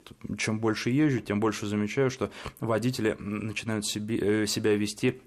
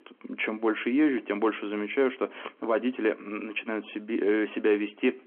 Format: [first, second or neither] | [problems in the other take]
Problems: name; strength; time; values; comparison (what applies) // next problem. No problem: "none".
first | phone-call audio